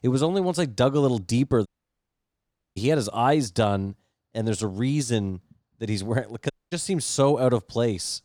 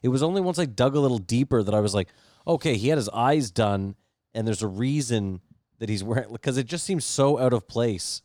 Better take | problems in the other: second | audio cutting out; at 1.5 s for 1 s and at 6.5 s

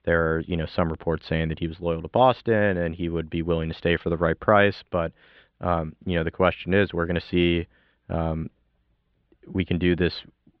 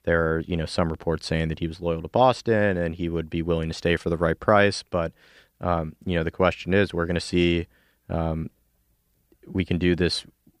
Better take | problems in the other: second | muffled; slightly; fading above 3.5 kHz

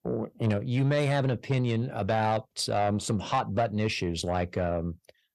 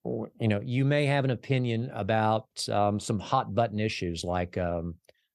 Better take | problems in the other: second | distortion; slight; 10 dB below the speech

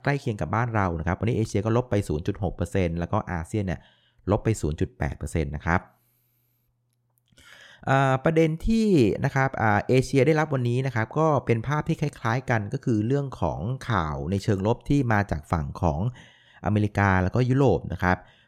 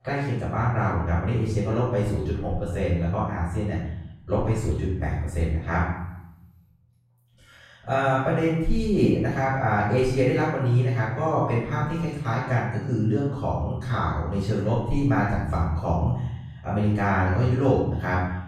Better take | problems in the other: first | room echo; noticeable; dies away in 0.8 s // off-mic speech; far

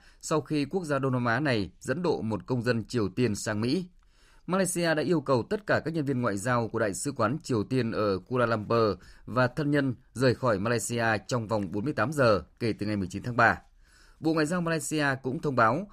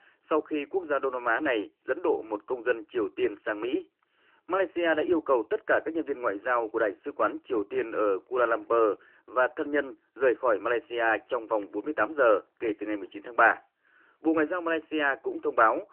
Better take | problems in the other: first | phone-call audio; nothing above 3 kHz

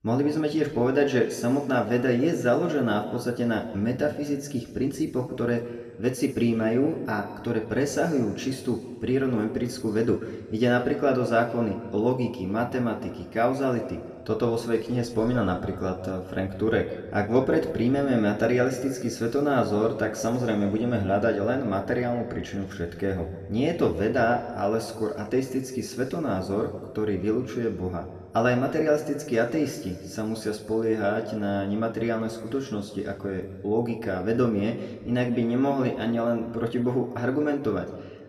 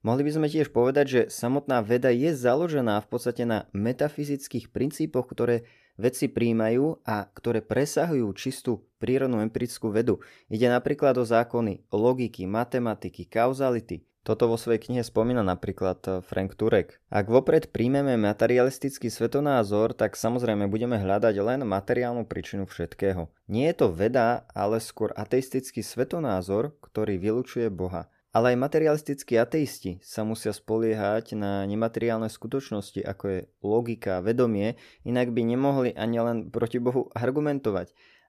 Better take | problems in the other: second | room echo; slight; dies away in 1.5 s // off-mic speech; somewhat distant

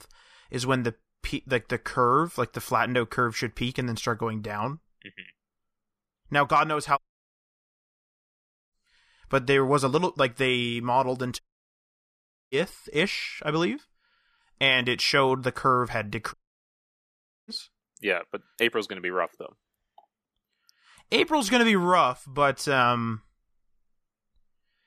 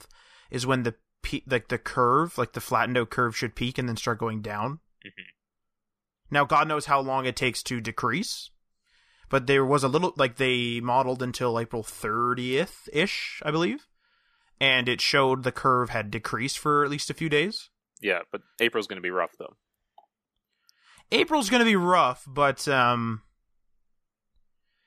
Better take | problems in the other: second | audio cutting out; at 7 s for 1.5 s, at 11 s for 1 s and at 16 s for 1 s

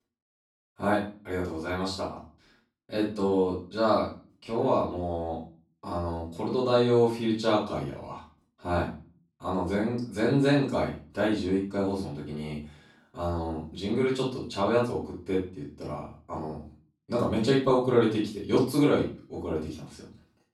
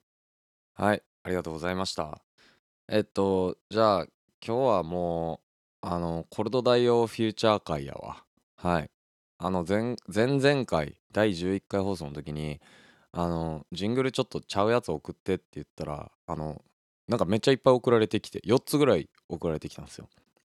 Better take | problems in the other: second | off-mic speech; far // room echo; noticeable; dies away in 0.3 s

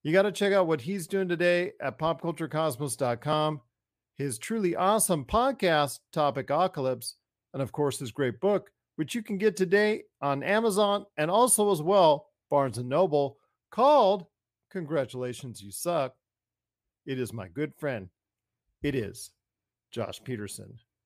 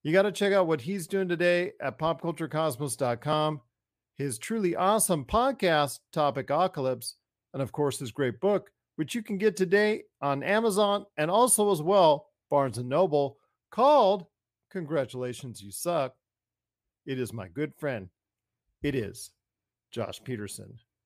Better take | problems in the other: neither | none

